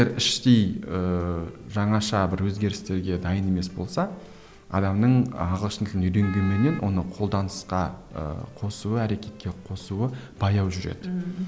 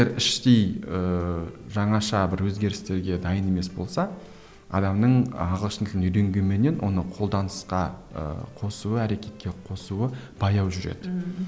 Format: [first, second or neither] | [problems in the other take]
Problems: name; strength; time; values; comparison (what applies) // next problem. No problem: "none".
second | background sound (Wind instrument, woodwind instrument); 16 dB below the speech